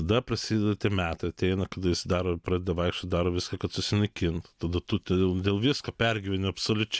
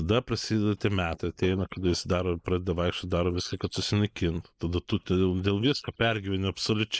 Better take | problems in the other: first | noise reduction (neural mask model Resemble Enhance denoiser)

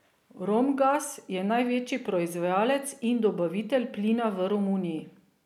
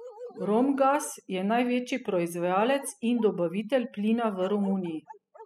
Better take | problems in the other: first | noise reduction (classical method spectral subtraction)

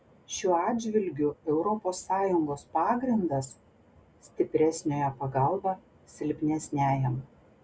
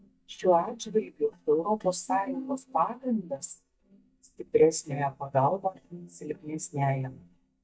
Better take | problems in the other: first | noise reduction (neural mask model DeepFilterNet 3)

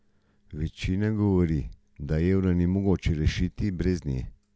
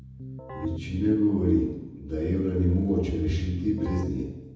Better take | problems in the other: first | background sound (Keyboard (musical)); 15 dB below the speech // room echo; dies away in 1.1 s

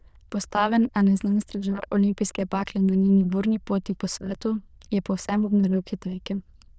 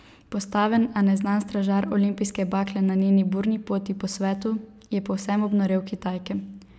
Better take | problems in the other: second | noise reduction (neural diffusion model UNIVERSE++)

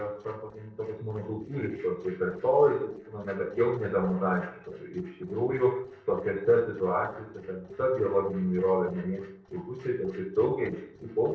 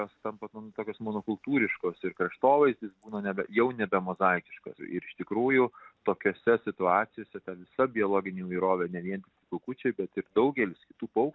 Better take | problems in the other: second | noise reduction (neural separator model SepFormer DNS4)

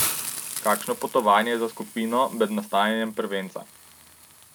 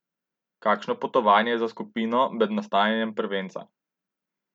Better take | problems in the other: second | background sound (Hiss); 10 dB below the speech

